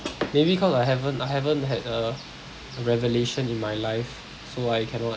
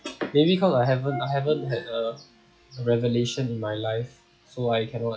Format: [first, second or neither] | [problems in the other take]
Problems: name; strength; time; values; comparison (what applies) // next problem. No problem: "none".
first | noise reduction (classical method log-MMSE)